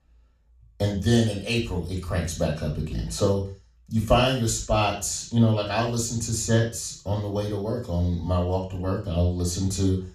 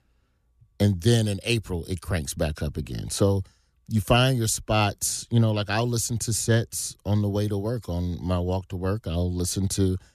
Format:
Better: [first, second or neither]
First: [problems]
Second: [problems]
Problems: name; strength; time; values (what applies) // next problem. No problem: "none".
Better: second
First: room echo; noticeable; dies away in 0.4 s // off-mic speech; far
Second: none